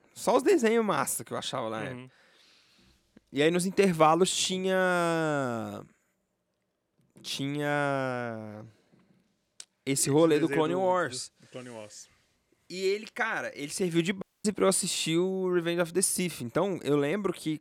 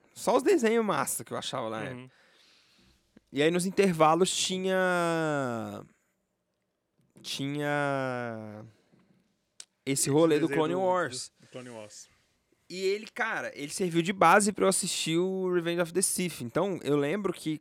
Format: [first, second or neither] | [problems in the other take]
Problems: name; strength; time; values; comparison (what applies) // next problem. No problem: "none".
second | audio cutting out; at 14 s